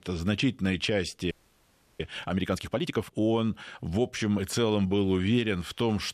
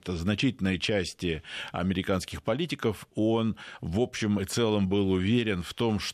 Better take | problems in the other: second | audio freezing; at 1.5 s for 0.5 s

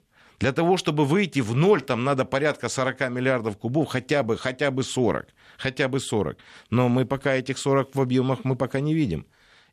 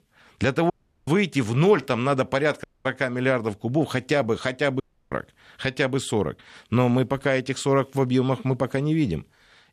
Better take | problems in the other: first | audio cutting out; at 0.5 s, at 2.5 s and at 5 s

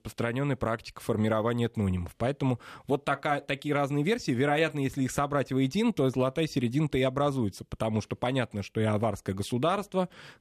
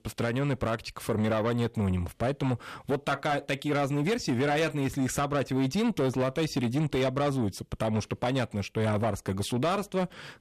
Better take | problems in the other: first | distortion; slight; 10 dB below the speech

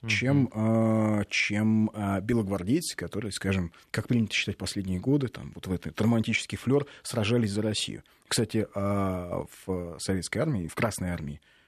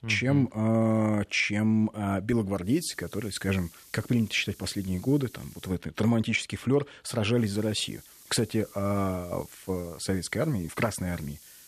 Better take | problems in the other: first | hiss; faint; from 2.5 to 5.5 s and from 7.5 s on; 20 dB below the speech

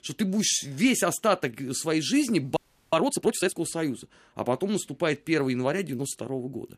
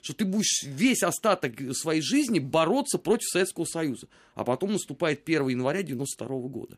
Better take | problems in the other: second | audio freezing; at 2.5 s

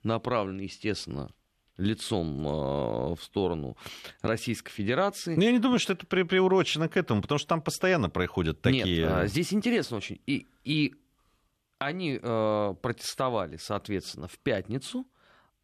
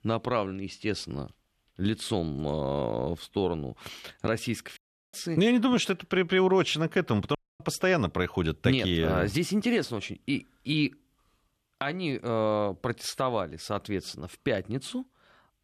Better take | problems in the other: first | audio cutting out; at 5 s and at 7.5 s

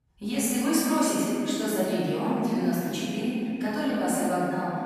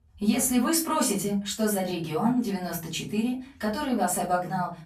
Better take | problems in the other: second | room echo; strong; dies away in 2.9 s; slight in the second // off-mic speech; far; far in the second

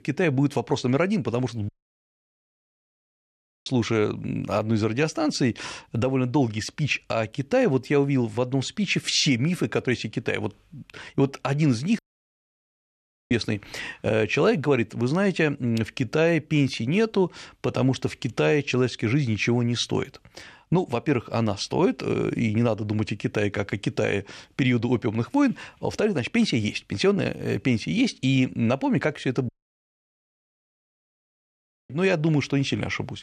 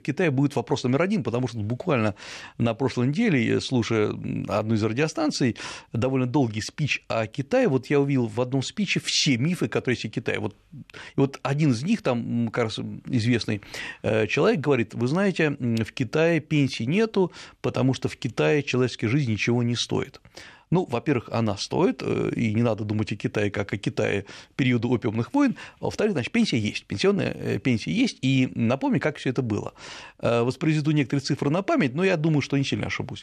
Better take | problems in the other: second | audio cutting out; at 1.5 s for 2 s, at 12 s for 1.5 s and at 29 s for 2.5 s

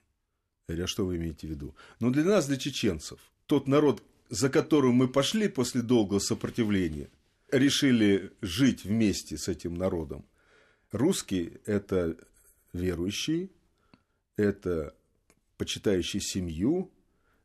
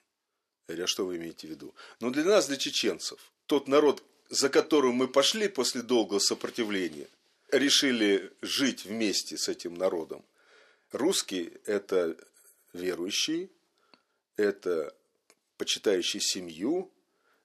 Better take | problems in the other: first | thin; somewhat; fading below 450 Hz

